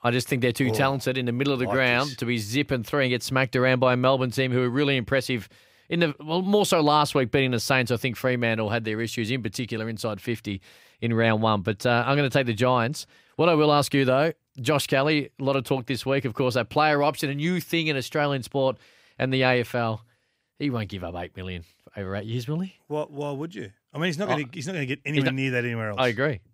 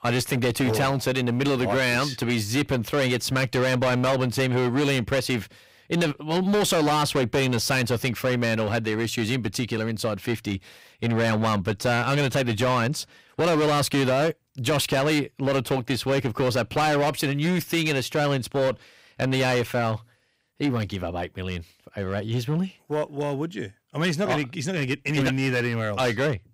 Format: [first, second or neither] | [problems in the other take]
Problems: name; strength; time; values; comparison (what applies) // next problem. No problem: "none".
first | distortion; heavy; 15% of the sound clipped